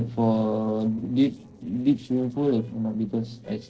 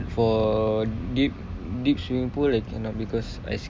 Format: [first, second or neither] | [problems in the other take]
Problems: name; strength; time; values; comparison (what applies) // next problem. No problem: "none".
second | noise reduction (neural separator model SepFormer DNS4)